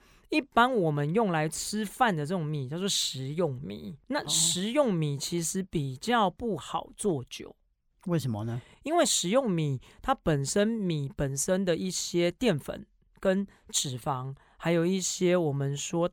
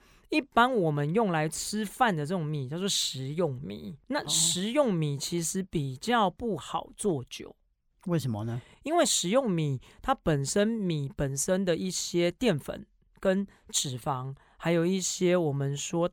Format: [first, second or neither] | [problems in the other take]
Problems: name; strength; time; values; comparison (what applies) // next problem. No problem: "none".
neither | none